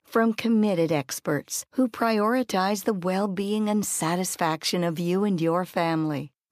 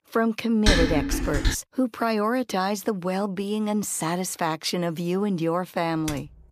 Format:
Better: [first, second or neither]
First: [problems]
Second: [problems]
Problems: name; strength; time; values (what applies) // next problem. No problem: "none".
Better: first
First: none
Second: clattering dishes; loud; at 0.5 s; peak 4 dB above the speech // keyboard typing; faint; at 6 s; peak 10 dB below the speech